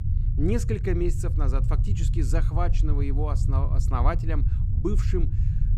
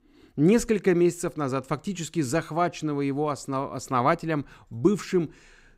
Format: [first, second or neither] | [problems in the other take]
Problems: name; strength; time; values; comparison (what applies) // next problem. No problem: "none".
second | low rumble; loud; throughout; 8 dB below the speech